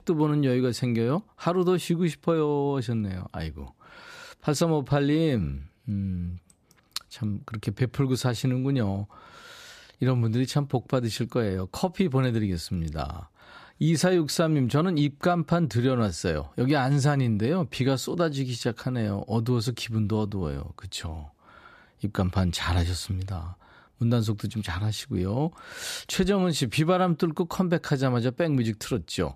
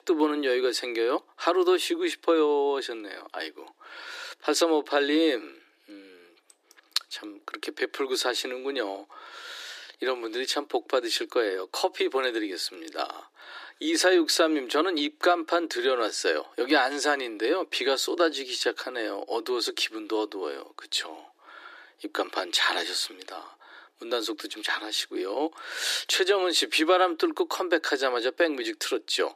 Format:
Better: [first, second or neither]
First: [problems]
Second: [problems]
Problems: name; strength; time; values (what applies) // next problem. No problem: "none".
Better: first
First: none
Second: thin; very; fading below 300 Hz